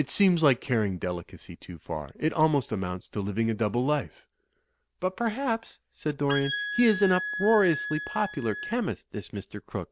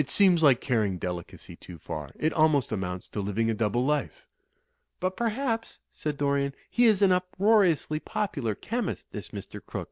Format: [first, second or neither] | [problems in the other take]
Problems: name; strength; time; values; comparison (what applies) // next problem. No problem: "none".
second | background sound (Wind instrument, woodwind instrument); 7 dB below the speech